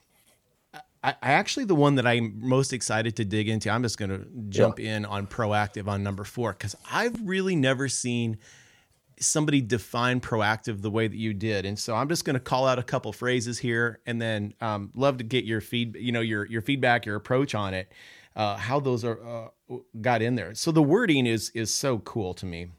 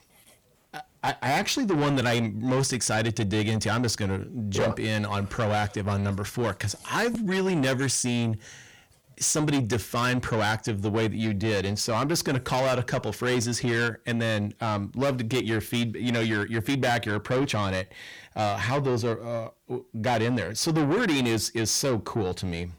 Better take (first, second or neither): first